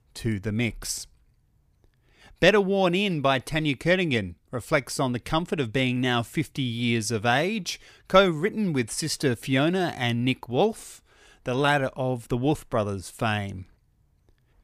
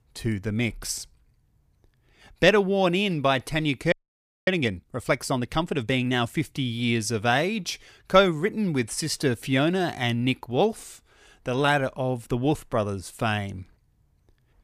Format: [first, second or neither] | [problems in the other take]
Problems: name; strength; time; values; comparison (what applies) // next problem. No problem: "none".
first | audio freezing; at 4 s for 0.5 s